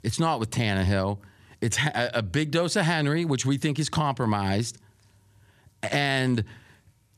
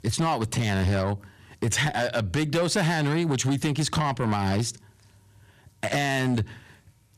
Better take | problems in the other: first | distortion; slight; 10 dB below the speech

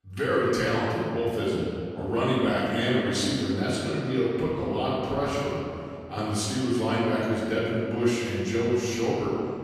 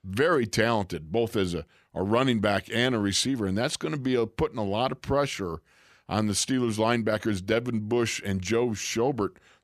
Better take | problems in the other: second | room echo; strong; dies away in 2.3 s // off-mic speech; far

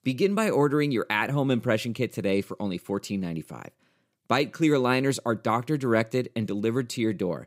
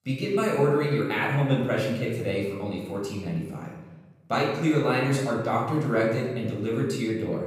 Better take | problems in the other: first | off-mic speech; far // room echo; noticeable; dies away in 1 s

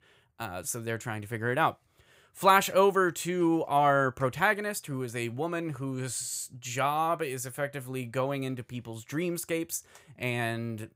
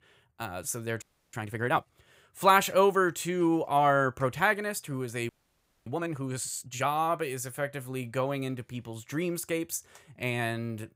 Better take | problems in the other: first | audio freezing; at 1 s and at 5.5 s for 0.5 s

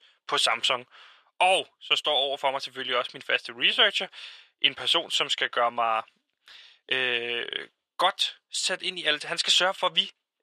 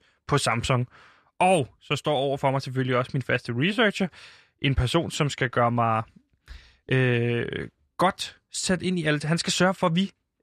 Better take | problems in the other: second | thin; very; fading below 650 Hz

